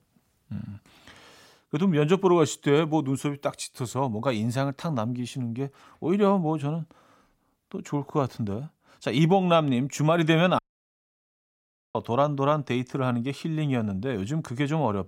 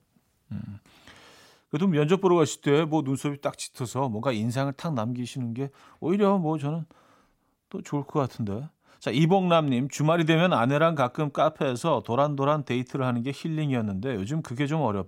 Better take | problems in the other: second | audio cutting out; at 11 s for 1.5 s

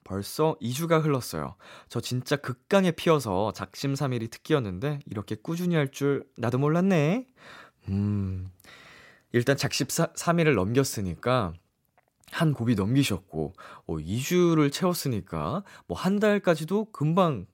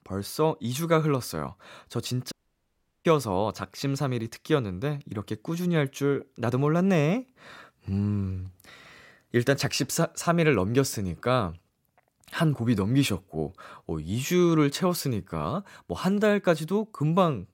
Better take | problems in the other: first | audio cutting out; at 2.5 s for 0.5 s

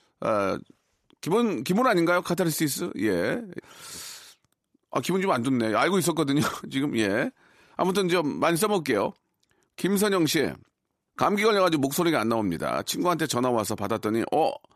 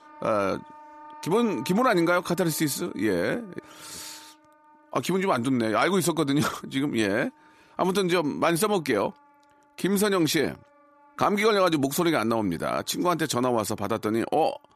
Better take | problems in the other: first | background music; faint; throughout; 25 dB below the speech

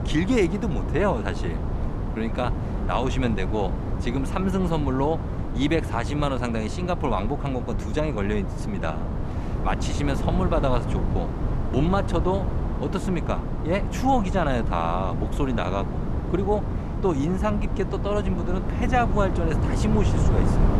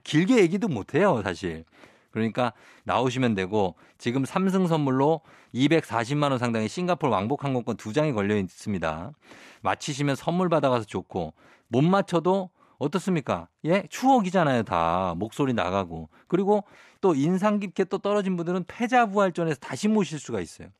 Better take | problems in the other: second | wind noise on the microphone; heavy; 8 dB below the speech

